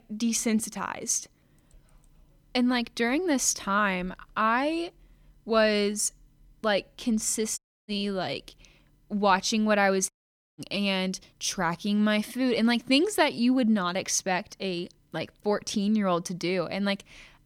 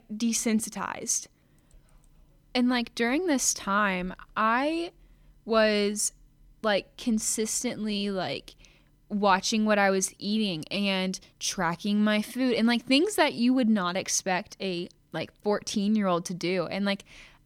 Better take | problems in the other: second | audio cutting out; at 7.5 s and at 10 s

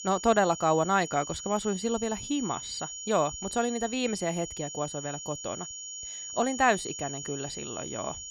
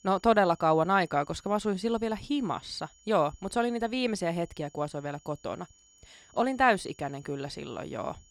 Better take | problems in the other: second | high-pitched whine; loud; throughout; 7 kHz, 8 dB below the speech; faint in the second

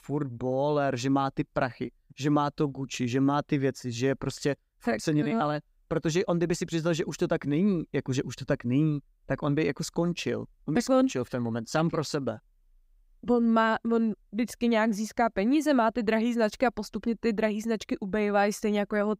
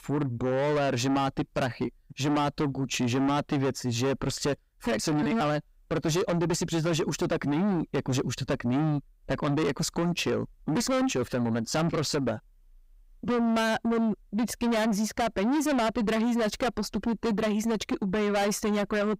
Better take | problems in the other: first | distortion; heavy; 6 dB below the speech

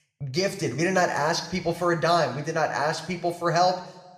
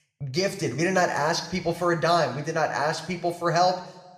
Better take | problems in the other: neither | room echo; slight; dies away in 0.9 s; the same in both

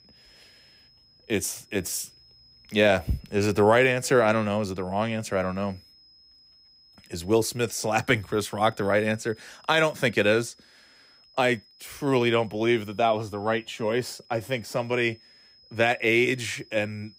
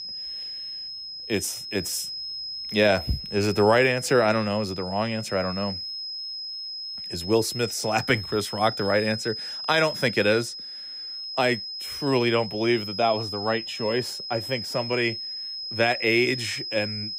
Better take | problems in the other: first | high-pitched whine; loud; throughout; 5 kHz, 7 dB below the speech; faint in the first

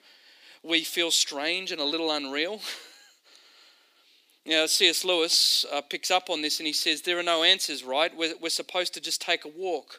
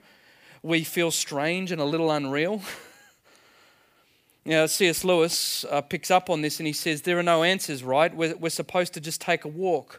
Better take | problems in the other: second | thin; very slightly; fading below 300 Hz

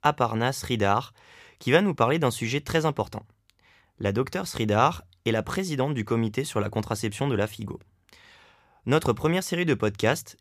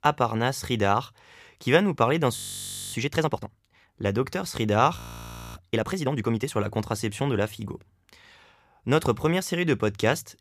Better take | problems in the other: first | audio freezing; at 2.5 s for 0.5 s and at 5 s for 0.5 s

